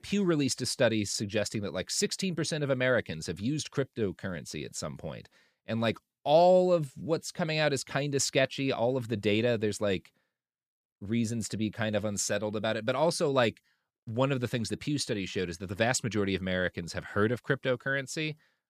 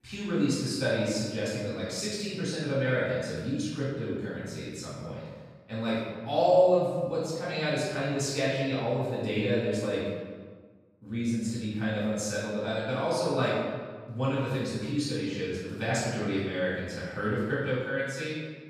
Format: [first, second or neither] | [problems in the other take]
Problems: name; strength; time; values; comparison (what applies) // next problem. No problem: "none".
first | off-mic speech; far // room echo; strong; dies away in 1.3 s